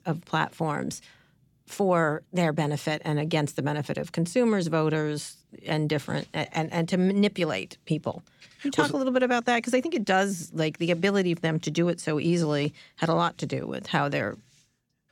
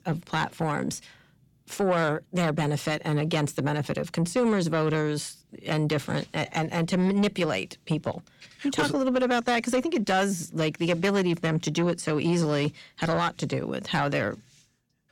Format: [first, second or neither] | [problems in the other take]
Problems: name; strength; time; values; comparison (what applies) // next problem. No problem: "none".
first | distortion; slight; 10 dB below the speech